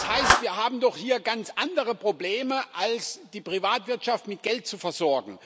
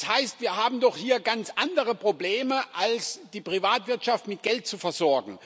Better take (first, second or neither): second